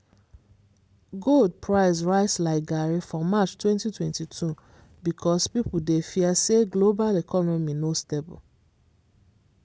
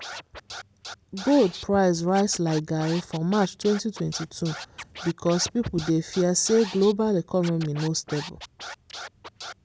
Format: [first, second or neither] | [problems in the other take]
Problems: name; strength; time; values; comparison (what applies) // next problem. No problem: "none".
first | background sound (Scratching (performance technique)); 15 dB below the speech